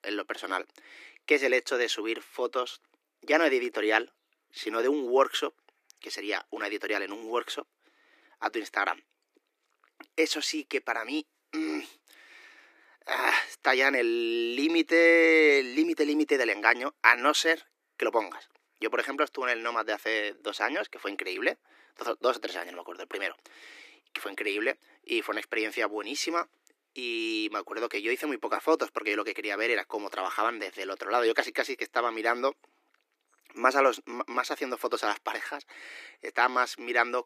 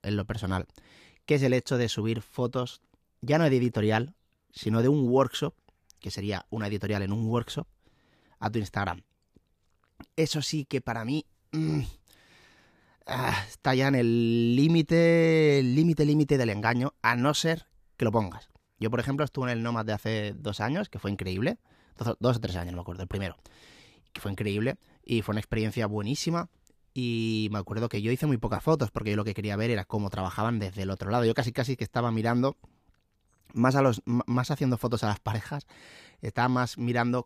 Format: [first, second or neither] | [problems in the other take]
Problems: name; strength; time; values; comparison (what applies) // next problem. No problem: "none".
second | thin; very; fading below 300 Hz